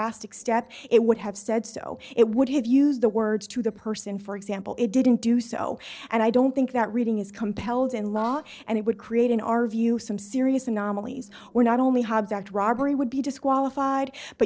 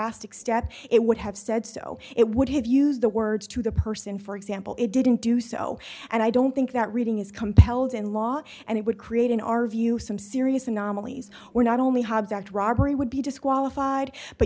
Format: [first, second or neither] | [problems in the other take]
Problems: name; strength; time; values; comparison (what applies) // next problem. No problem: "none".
second | noise reduction (neural separator model SepFormer DNS4)